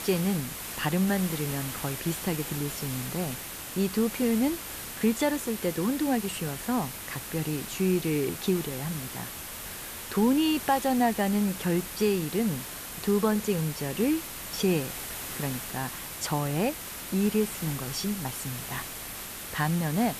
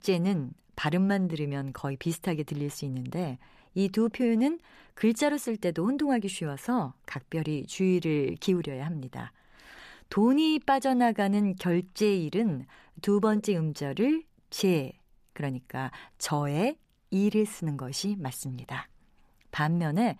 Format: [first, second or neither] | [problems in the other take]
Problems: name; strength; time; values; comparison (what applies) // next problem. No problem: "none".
second | hiss; loud; throughout; 7 dB below the speech